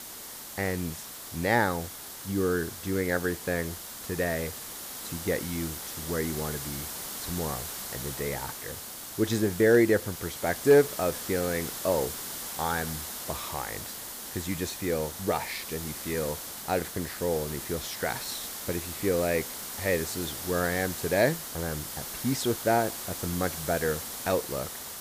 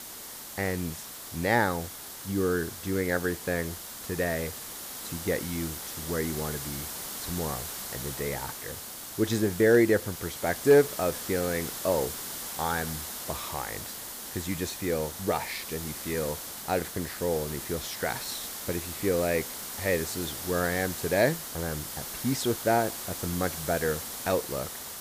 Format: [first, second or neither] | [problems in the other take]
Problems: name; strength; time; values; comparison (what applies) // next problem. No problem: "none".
neither | hiss; loud; throughout; 6 dB below the speech; the same in both